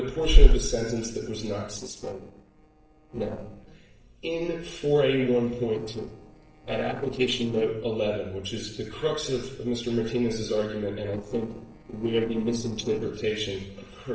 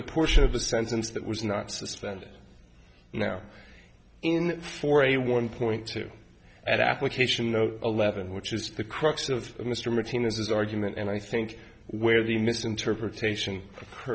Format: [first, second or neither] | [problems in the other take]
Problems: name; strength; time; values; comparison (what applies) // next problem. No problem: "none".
second | noise reduction (neural separator model SepFormer DNS4)